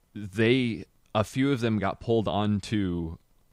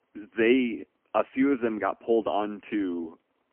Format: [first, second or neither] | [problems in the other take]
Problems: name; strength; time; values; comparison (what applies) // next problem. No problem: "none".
first | phone-call audio; poor line; nothing above 3 kHz